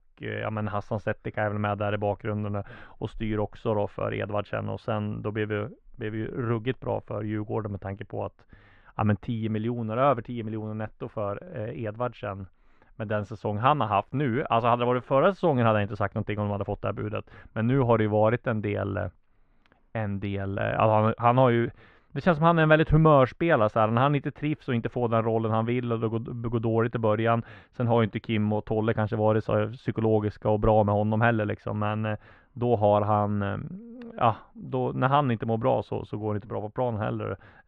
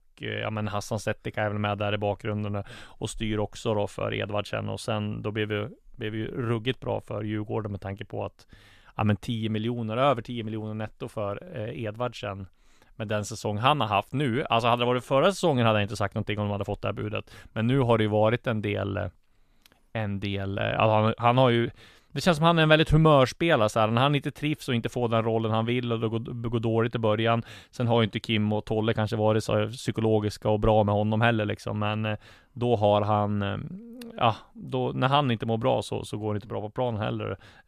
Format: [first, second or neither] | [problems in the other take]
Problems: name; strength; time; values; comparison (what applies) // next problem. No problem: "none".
second | muffled; very; fading above 1.5 kHz